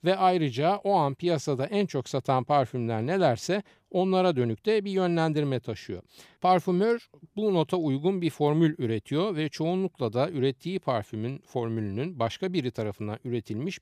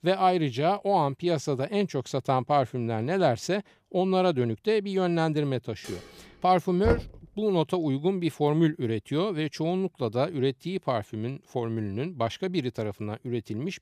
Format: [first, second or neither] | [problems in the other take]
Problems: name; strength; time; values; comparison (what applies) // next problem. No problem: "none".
first | clattering dishes; faint; at 6 s; peak 15 dB below the speech // door banging; noticeable; at 7 s; peak 3 dB below the speech